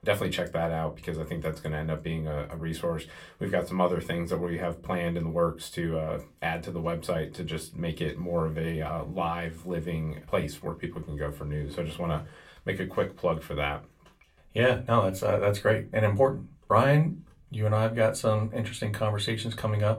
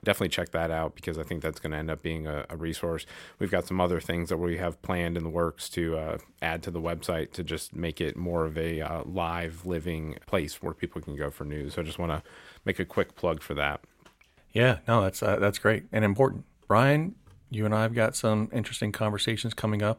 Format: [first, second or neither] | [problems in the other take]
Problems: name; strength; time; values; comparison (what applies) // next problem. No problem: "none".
second | off-mic speech; somewhat distant // room echo; very slight; dies away in 0.2 s